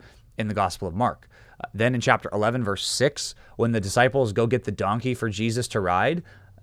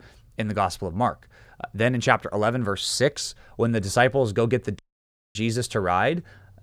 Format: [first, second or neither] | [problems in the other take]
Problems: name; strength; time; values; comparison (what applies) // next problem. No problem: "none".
first | audio cutting out; at 5 s for 0.5 s